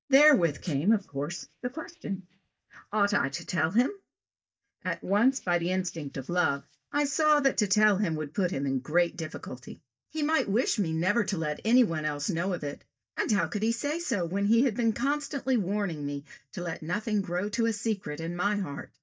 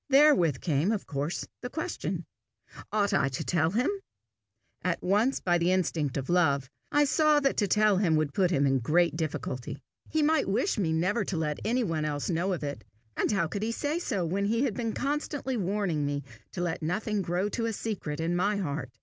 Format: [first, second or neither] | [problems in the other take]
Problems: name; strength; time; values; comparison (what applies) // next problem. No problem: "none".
second | noise reduction (neural mask model DeepFilterNet 3)